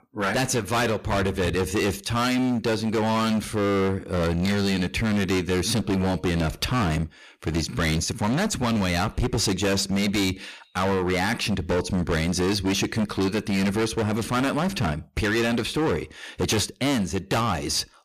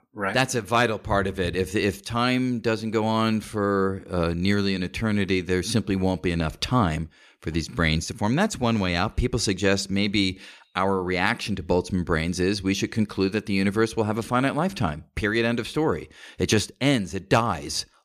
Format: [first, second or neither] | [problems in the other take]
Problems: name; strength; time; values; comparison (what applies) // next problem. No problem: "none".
second | distortion; heavy; 25% of the sound clipped